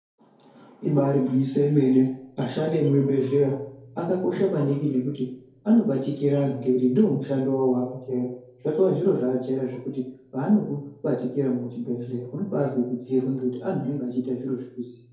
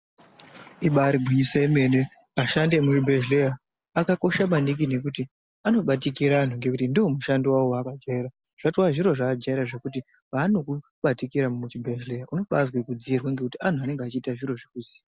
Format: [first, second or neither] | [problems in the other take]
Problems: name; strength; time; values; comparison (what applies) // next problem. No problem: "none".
second | room echo; dies away in 2.3 s